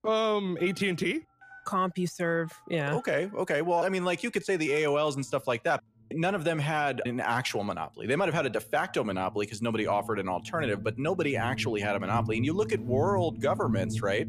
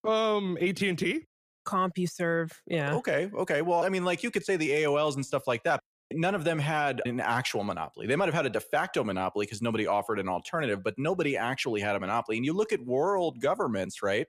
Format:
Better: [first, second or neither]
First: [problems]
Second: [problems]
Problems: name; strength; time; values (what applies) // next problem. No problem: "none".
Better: second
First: alarms or sirens; loud; throughout; 8 dB below the speech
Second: none